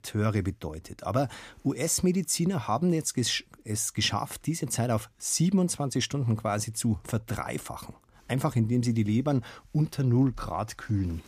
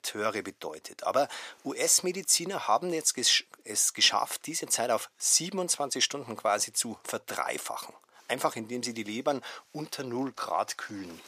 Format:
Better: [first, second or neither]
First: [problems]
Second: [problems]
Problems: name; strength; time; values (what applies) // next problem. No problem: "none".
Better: first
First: none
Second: thin; very; fading below 550 Hz